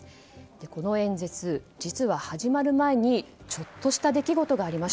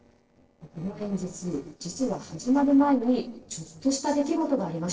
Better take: first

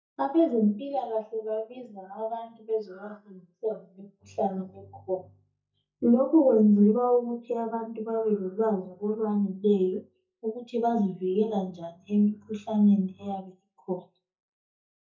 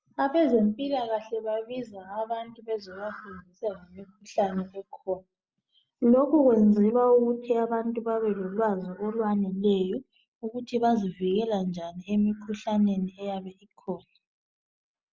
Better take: second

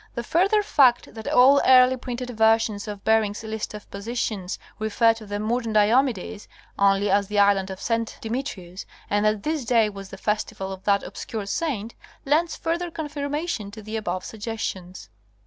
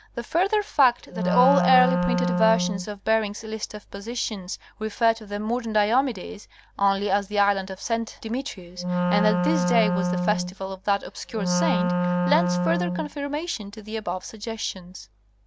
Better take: first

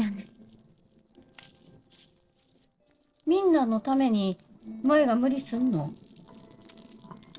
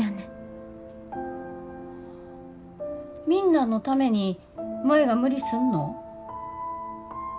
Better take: second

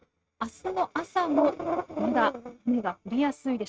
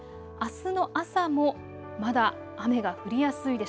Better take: second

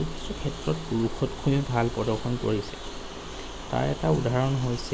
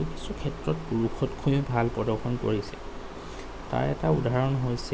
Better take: second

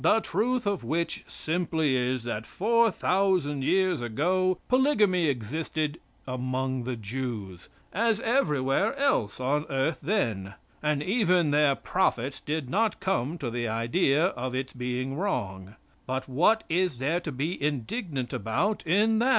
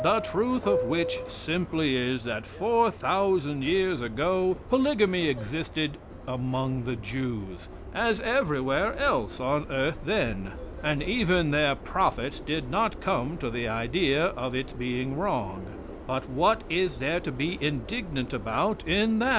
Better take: first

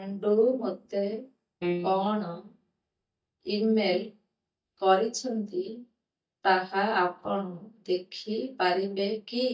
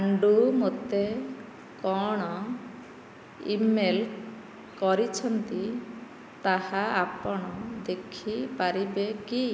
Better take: second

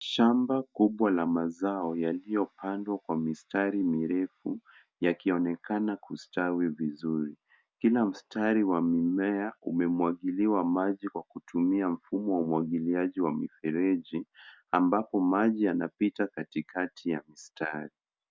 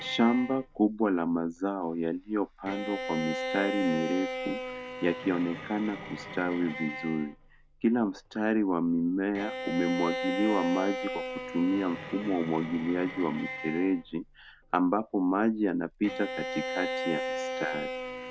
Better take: first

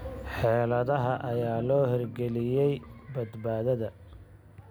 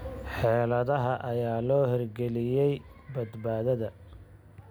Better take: second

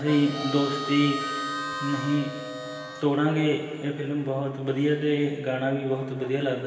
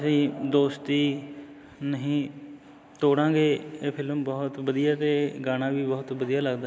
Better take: second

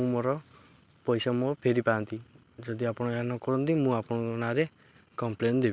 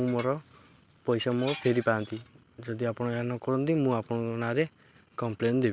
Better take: first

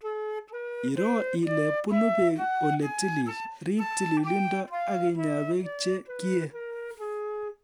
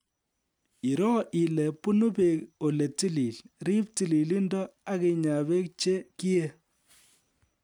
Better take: second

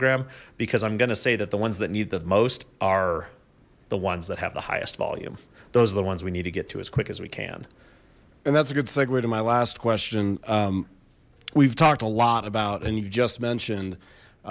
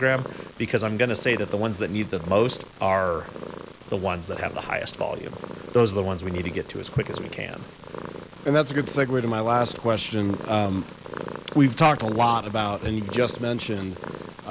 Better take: first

